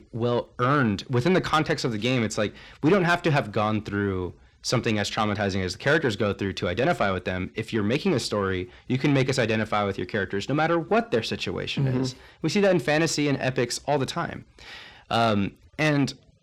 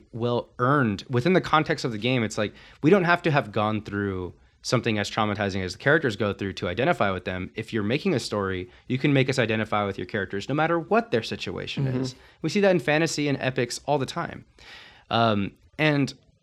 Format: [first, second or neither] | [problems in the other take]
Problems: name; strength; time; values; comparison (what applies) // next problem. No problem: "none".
second | distortion; slight; 10 dB below the speech